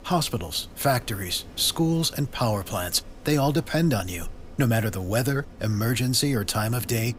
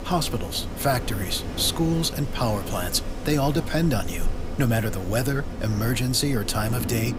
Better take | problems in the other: first | wind in the background; loud; throughout; 9 dB below the speech; faint in the first

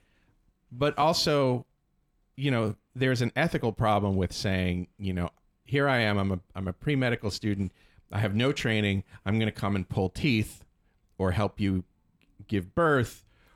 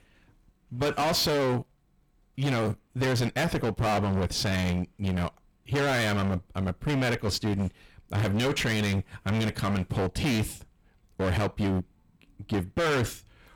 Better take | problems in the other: first | distortion; heavy; 22% of the sound clipped

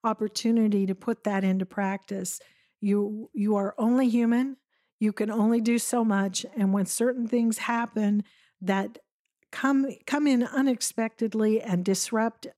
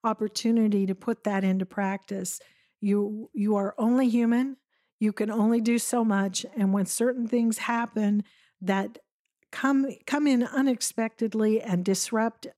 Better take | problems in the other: neither | none

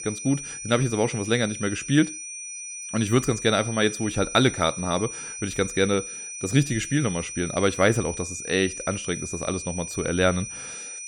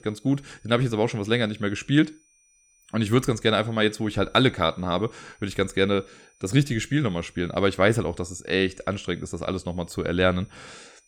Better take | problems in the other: second | high-pitched whine; loud; throughout; 6 kHz, 8 dB below the speech; faint in the second

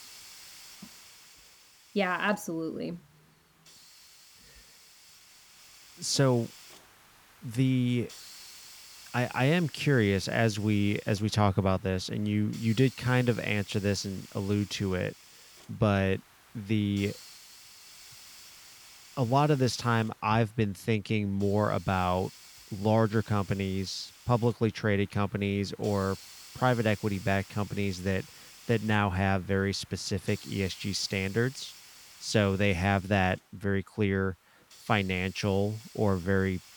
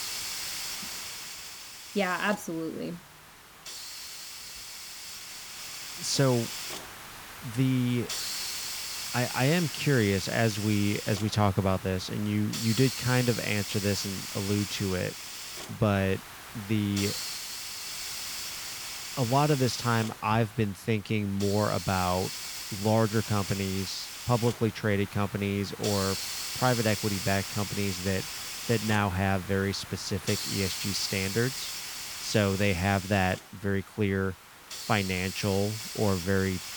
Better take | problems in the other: first | hiss; loud; throughout; 7 dB below the speech; faint in the first

